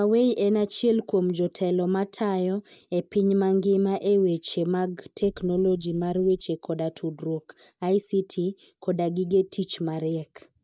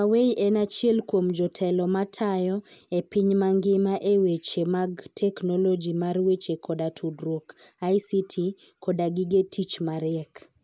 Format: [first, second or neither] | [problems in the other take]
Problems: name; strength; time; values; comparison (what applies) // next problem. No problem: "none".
second | noise reduction (neural mask model DeepFilterNet 3)